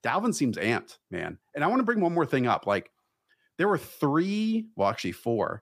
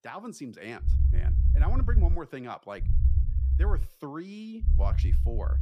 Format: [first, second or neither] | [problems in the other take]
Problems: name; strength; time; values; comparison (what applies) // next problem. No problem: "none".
first | low rumble; loud; from 1 to 2 s, from 3 to 4 s and at 4.5 s; 6 dB below the speech